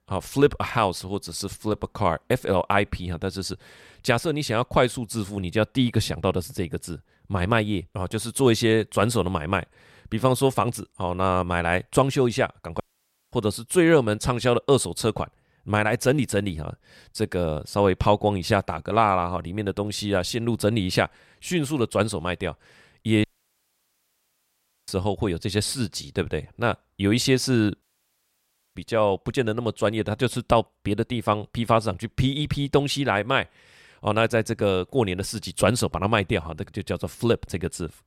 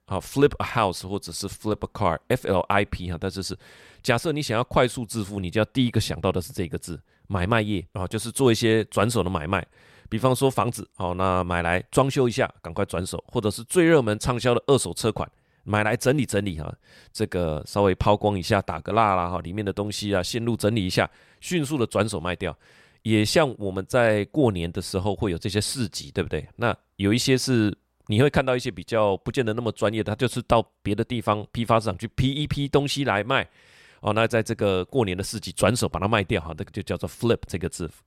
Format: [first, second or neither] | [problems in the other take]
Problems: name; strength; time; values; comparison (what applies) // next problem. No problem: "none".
second | audio cutting out; at 13 s for 0.5 s, at 23 s for 1.5 s and at 28 s for 1 s